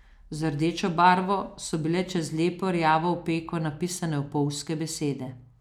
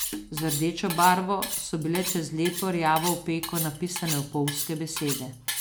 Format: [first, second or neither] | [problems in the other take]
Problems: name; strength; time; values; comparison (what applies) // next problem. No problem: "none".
first | background sound (Cutlery, silverware); 7 dB below the speech